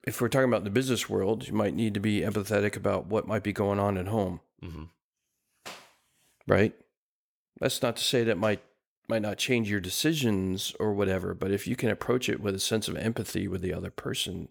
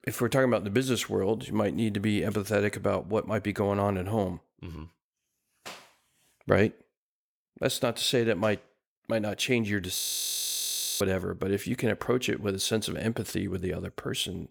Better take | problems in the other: first | audio freezing; at 10 s for 1 s

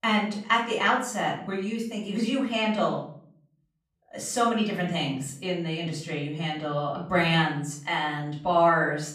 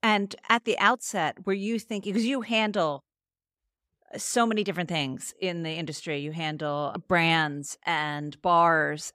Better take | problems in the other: second | off-mic speech; far // room echo; slight; dies away in 0.5 s

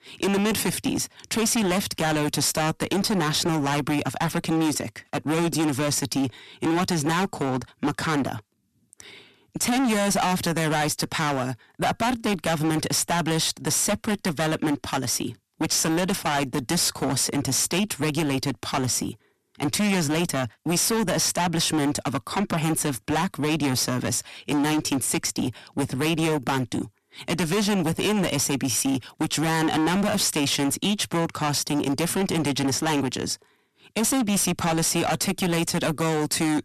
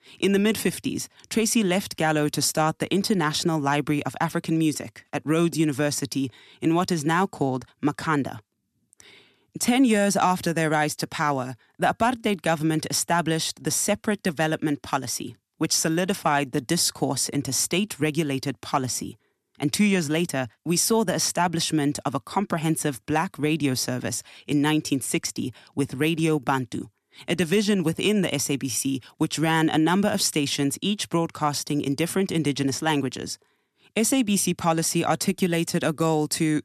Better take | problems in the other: second | distortion; heavy; 25% of the sound clipped

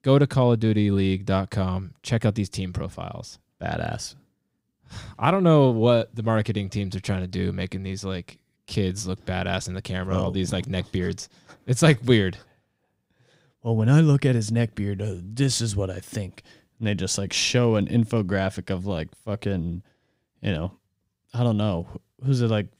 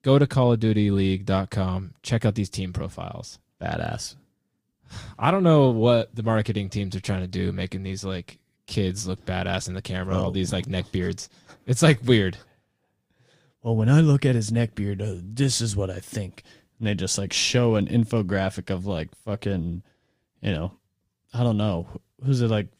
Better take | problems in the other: first | garbled, watery; slightly; nothing above 15.5 kHz

